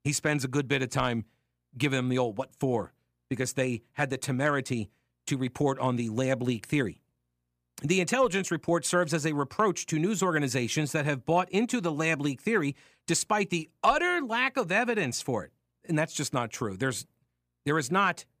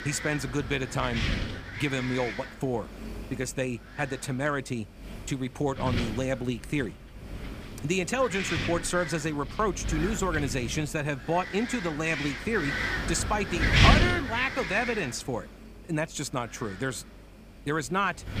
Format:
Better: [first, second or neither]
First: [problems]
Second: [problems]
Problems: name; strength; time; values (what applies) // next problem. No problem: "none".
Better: first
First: none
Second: wind noise on the microphone; heavy; 1 dB below the speech